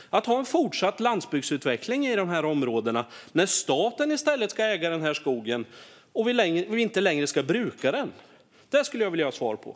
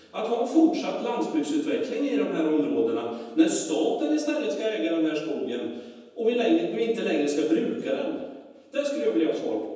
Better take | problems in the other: first | room echo; dies away in 1.1 s

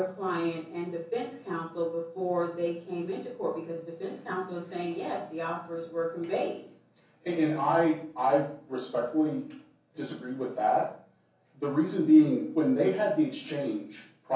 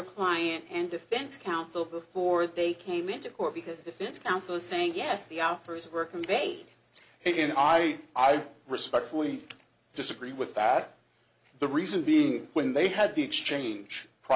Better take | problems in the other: second | room echo; dies away in 0.6 s

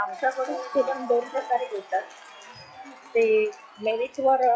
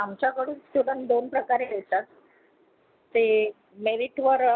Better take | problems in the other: second | noise reduction (classical method log-MMSE)

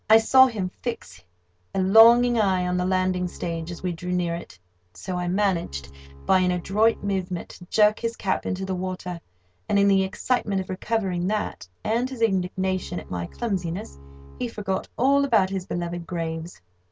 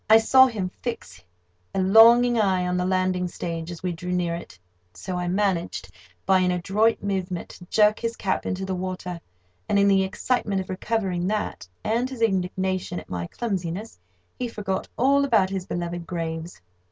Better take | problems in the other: second | background sound (Bowed string instrument); 19 dB below the speech

